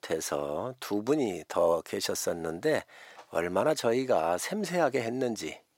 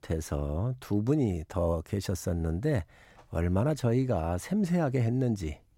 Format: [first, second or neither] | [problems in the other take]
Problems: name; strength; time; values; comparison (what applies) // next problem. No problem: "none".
second | thin; somewhat; fading below 450 Hz